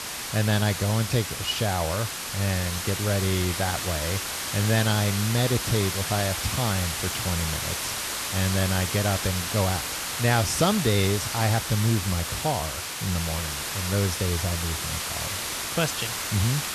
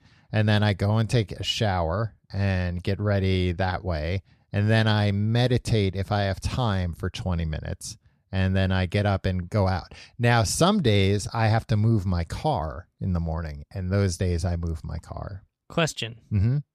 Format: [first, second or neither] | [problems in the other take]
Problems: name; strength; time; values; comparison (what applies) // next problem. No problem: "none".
second | hiss; loud; throughout; 2 dB below the speech